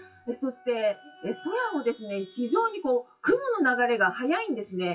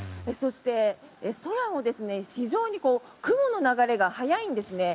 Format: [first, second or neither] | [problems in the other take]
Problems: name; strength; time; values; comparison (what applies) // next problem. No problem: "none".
second | noise reduction (classical method WPE with log-MMSE)